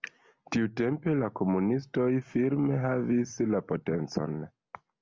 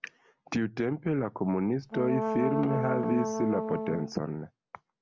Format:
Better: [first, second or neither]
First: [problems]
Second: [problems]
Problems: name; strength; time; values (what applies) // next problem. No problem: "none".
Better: first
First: none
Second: background sound (Brass instrument); 1 dB below the speech